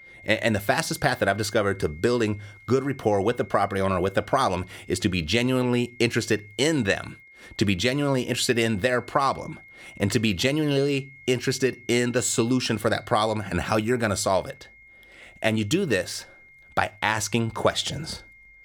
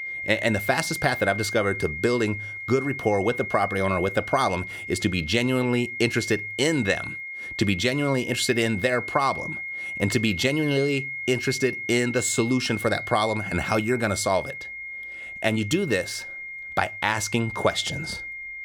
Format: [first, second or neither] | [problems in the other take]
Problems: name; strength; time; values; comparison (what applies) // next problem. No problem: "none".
first | high-pitched whine; loud; throughout; 2 kHz, 7 dB below the speech; faint in the first